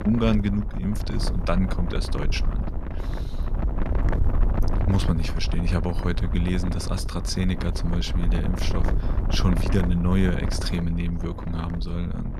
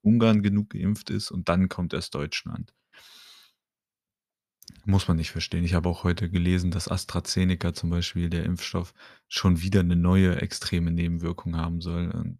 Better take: second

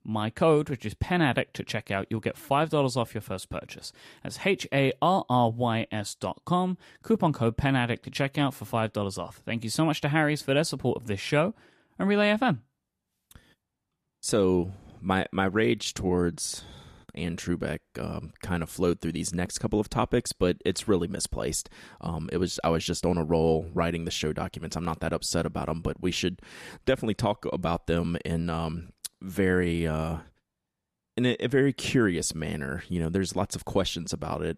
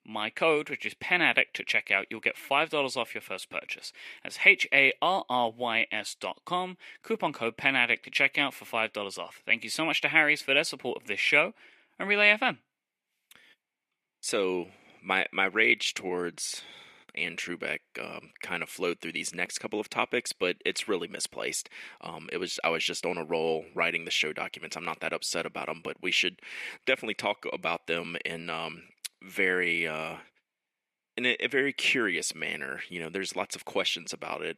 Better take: first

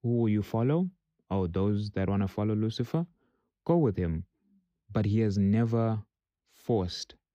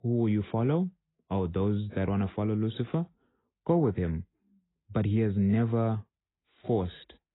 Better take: first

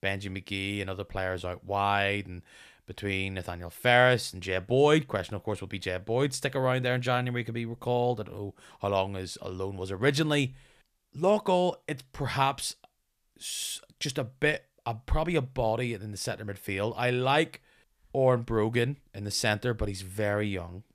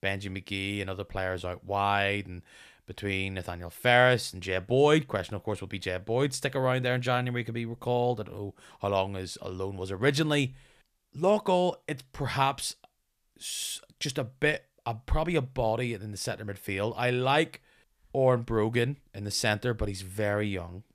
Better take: neither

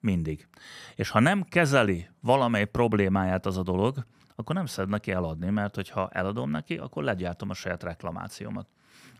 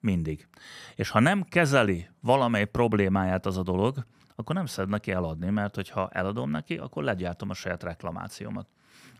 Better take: neither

